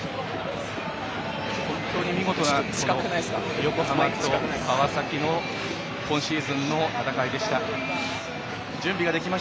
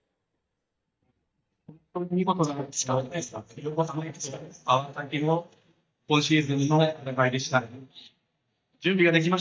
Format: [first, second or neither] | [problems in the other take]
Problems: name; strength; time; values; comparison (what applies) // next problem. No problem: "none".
first | noise reduction (neural mask model DeepFilterNet 3)